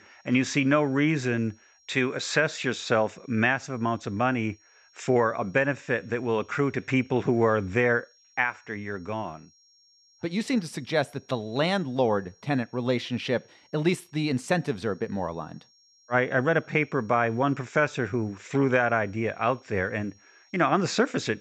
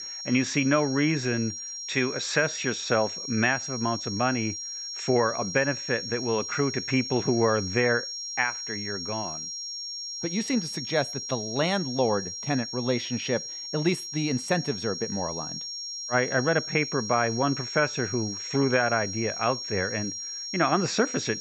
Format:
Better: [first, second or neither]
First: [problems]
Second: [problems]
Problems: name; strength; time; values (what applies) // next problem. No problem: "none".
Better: first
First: high-pitched whine; faint; throughout; 5.5 kHz, 30 dB below the speech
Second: high-pitched whine; loud; throughout; 5.5 kHz, 6 dB below the speech